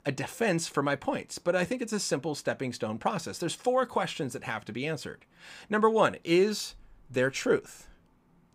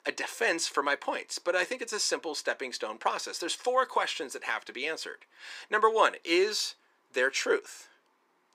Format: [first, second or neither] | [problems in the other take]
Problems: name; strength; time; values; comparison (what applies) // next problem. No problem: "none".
first | thin; very; fading below 350 Hz